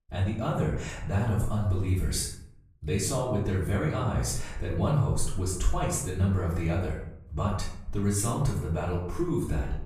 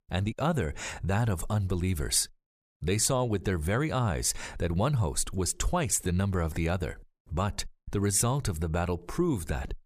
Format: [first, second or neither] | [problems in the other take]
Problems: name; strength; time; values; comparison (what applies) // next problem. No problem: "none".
second | off-mic speech; far // room echo; noticeable; dies away in 0.7 s